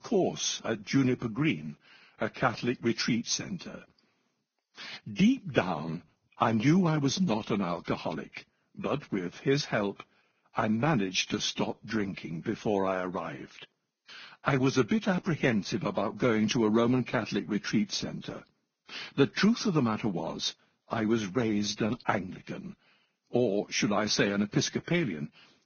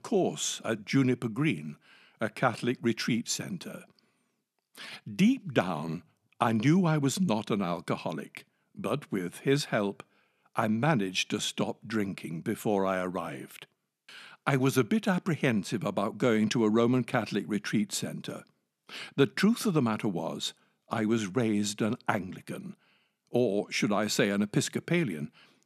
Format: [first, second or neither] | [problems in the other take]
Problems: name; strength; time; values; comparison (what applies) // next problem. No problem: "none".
second | garbled, watery; badly; nothing above 6.5 kHz